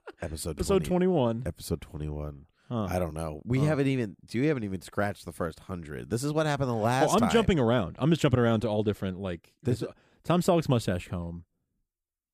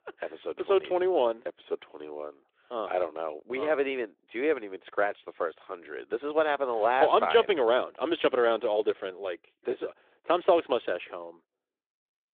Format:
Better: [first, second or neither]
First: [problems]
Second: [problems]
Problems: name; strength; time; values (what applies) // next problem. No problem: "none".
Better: first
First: none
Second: phone-call audio